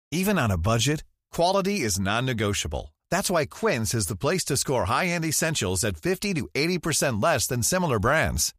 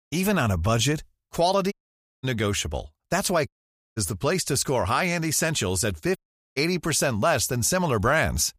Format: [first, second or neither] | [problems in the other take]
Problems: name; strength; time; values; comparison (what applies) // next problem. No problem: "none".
first | audio cutting out; at 1.5 s for 0.5 s, at 3.5 s and at 6 s